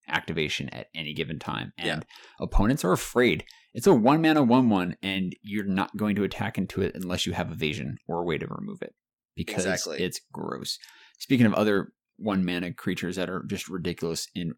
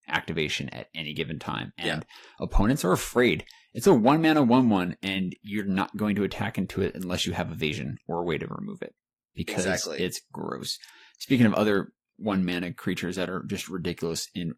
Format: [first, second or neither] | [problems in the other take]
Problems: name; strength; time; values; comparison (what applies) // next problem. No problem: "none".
first | garbled, watery; slightly; nothing above 14.5 kHz